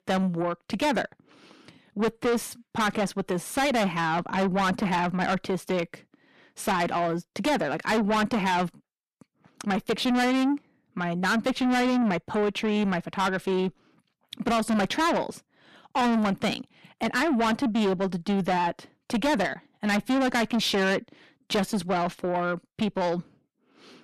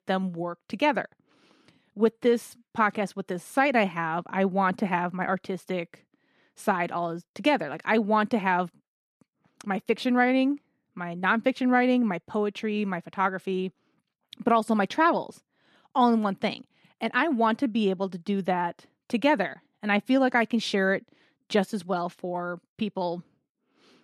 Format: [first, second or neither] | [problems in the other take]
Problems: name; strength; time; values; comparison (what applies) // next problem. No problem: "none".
second | distortion; heavy; 6 dB below the speech